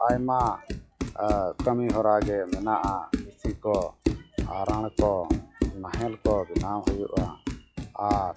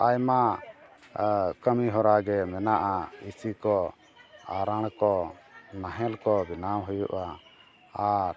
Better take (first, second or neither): second